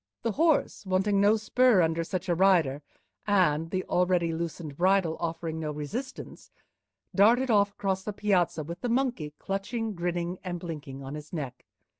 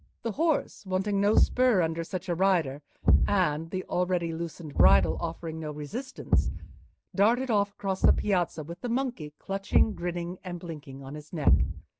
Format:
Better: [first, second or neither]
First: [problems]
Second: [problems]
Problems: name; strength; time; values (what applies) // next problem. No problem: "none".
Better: first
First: none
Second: background sound (Thump, thud); as loud as the speech